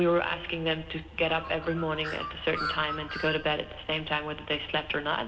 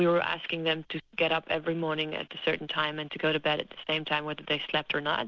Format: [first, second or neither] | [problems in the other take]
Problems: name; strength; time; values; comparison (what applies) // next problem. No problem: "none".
second | background sound (Bird); 11 dB below the speech // room echo; dies away in 2.9 s